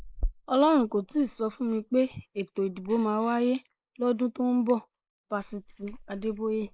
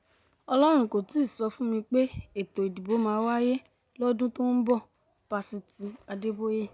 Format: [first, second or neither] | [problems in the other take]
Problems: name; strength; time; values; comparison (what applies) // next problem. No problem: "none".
second | noise reduction (neural mask model Resemble Enhance denoiser)